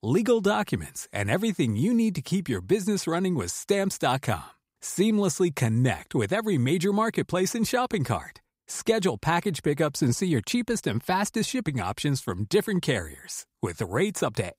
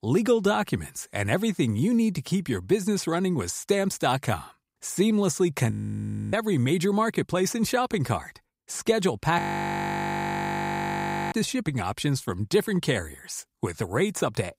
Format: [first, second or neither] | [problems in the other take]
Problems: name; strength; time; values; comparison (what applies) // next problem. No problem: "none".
first | audio freezing; at 5.5 s for 0.5 s and at 9.5 s for 2 s